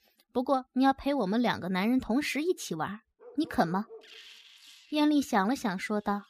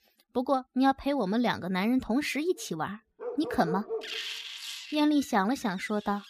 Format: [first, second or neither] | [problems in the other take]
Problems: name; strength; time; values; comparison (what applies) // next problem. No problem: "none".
first | animal sounds; loud; from 3 s on; 9 dB below the speech; faint in the first